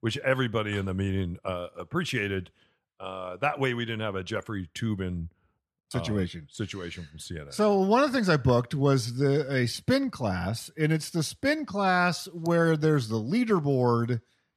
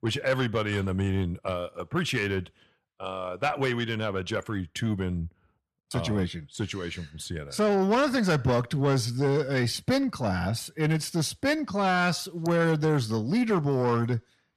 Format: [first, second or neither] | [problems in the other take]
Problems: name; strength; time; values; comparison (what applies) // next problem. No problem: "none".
first | distortion; slight; 10 dB below the speech